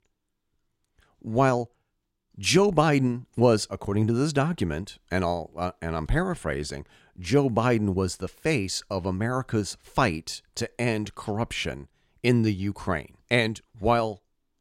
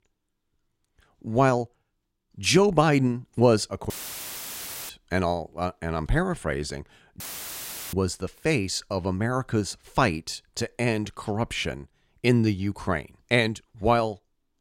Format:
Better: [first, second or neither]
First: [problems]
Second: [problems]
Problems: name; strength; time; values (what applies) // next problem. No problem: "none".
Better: first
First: none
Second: audio cutting out; filled with static; at 4 s for 1 s and at 7 s for 0.5 s